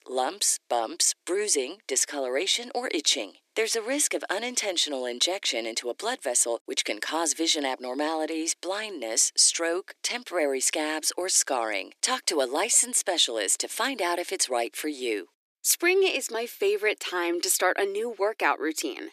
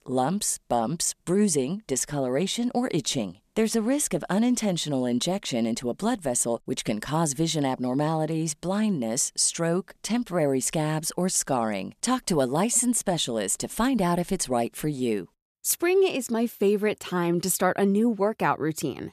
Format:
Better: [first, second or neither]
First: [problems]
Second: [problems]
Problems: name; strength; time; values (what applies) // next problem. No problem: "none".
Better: second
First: thin; very; fading below 300 Hz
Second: none